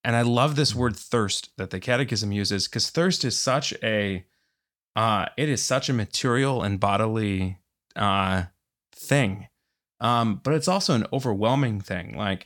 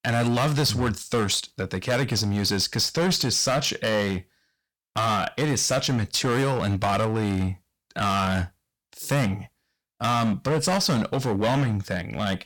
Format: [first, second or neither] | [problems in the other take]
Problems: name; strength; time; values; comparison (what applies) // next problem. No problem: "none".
first | distortion; heavy; 14% of the sound clipped